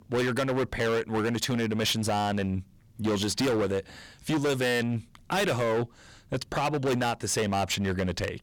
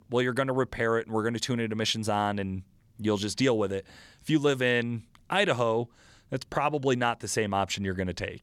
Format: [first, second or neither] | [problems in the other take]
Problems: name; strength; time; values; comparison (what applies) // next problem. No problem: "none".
second | distortion; heavy; 19% of the sound clipped